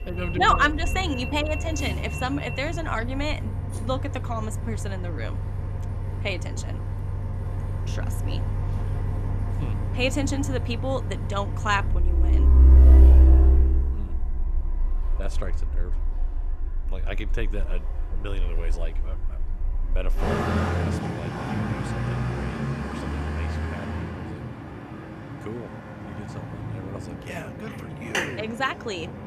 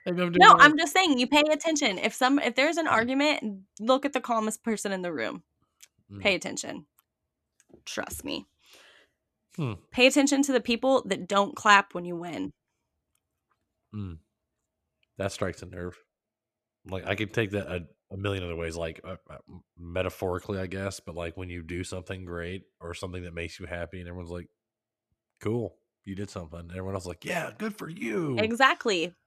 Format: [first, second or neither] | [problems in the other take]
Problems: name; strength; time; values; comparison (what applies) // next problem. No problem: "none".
second | traffic noise; very loud; throughout; 5 dB above the speech